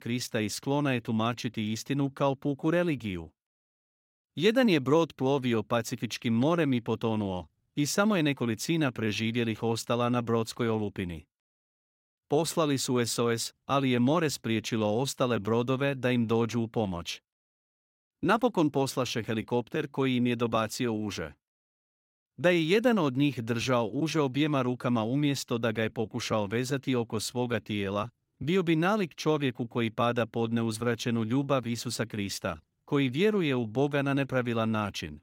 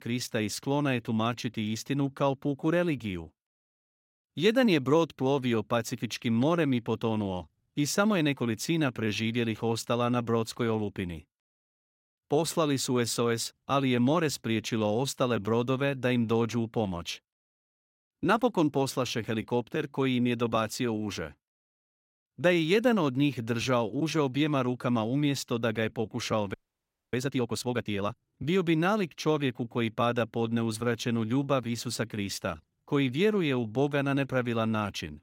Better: first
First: none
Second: audio freezing; at 27 s for 0.5 s

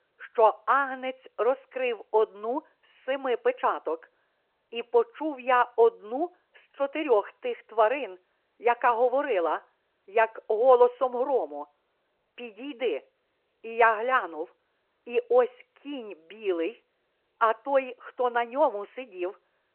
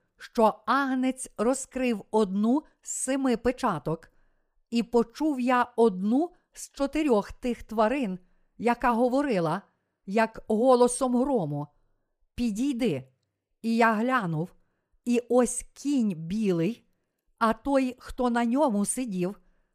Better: second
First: phone-call audio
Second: none

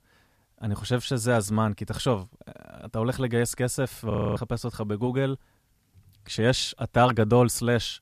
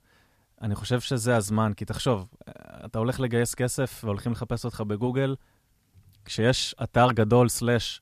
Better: second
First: audio freezing; at 4 s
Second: none

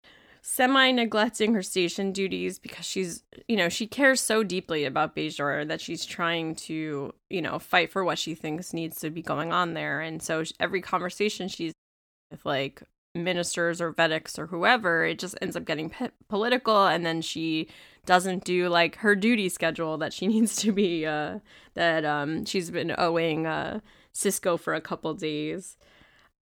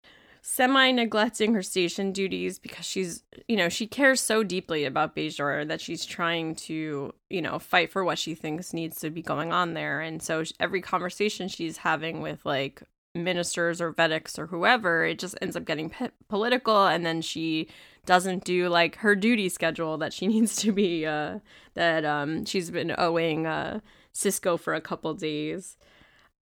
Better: second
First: audio cutting out; at 12 s for 0.5 s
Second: none

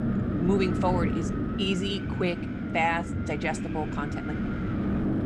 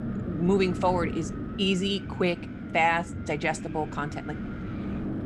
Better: second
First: wind noise on the microphone; heavy; 5 dB below the speech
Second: wind noise on the microphone; occasional gusts; 15 dB below the speech

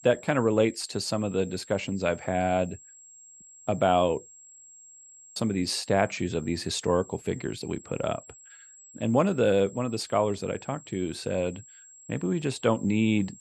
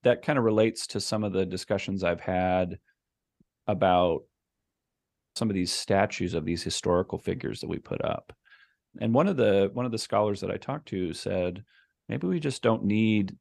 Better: second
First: high-pitched whine; faint; throughout; 7.5 kHz, 20 dB below the speech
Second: none

